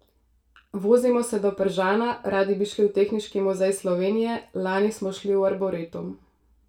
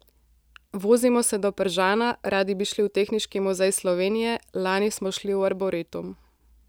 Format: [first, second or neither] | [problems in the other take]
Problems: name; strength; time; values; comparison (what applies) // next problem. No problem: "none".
second | room echo; dies away in 0.3 s